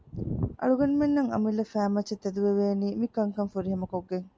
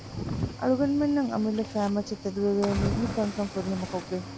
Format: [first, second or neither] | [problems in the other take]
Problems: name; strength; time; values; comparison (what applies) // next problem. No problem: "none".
first | background sound (Cricket / Waves, surf); 9 dB below the speech